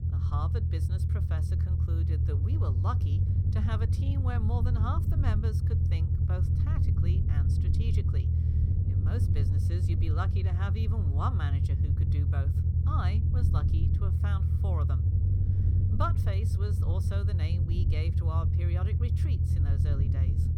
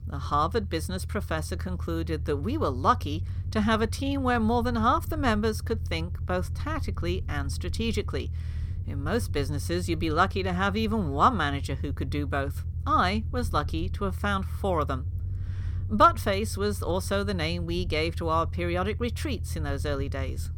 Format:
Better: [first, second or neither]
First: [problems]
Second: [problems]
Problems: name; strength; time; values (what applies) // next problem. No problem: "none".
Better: second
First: low rumble; loud; throughout; 1 dB below the speech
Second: low rumble; faint; throughout; 20 dB below the speech